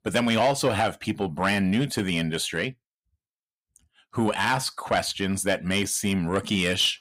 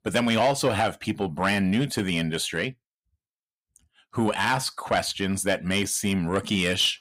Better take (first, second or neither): neither